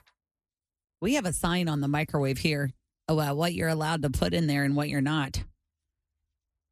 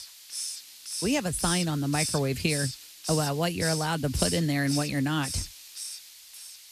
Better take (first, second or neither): first